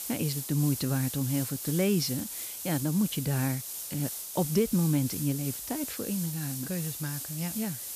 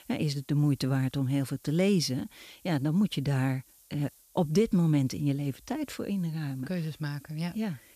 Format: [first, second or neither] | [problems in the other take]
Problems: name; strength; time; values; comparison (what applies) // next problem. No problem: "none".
second | hiss; loud; throughout; 5 dB below the speech; faint in the second